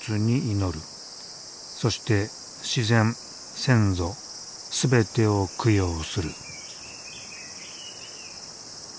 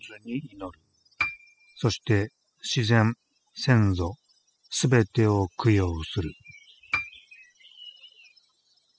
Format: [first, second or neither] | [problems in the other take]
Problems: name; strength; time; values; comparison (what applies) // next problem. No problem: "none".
first | noise reduction (classical method spectral subtraction)